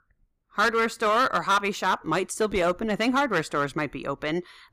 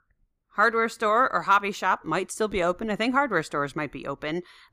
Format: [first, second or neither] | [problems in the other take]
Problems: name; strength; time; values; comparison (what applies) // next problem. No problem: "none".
second | distortion; slight; 6% of the sound clipped